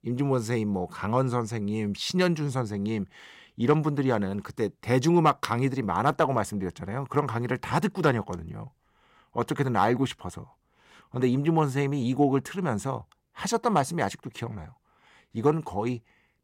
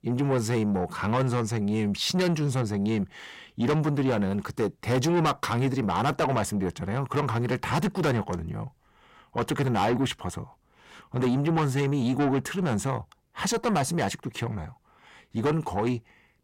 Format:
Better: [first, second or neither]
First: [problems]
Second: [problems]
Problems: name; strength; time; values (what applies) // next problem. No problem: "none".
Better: first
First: none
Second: distortion; heavy; 7 dB below the speech